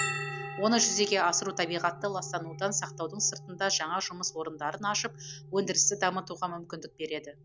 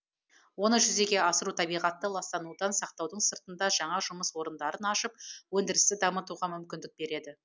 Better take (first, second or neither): second